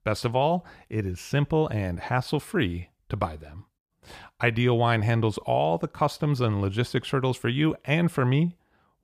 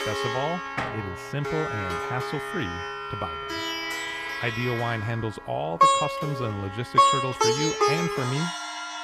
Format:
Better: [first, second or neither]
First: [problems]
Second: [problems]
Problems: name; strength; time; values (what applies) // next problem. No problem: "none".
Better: first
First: none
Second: background music; very loud; throughout; 5 dB above the speech